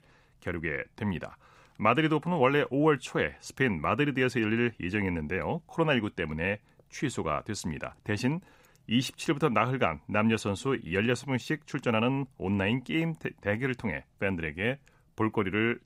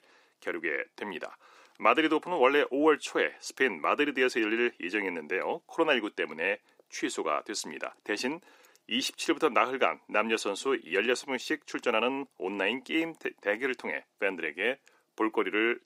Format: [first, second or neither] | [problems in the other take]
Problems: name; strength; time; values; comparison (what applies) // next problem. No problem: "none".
first | thin; somewhat; fading below 350 Hz